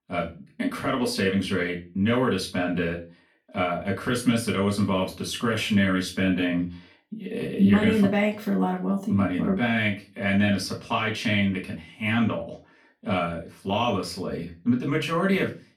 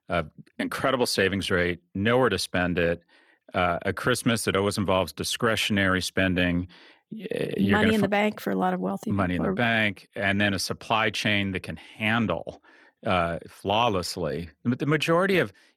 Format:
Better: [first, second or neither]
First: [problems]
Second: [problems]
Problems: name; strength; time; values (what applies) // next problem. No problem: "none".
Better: second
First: off-mic speech; far // room echo; very slight; dies away in 0.3 s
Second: none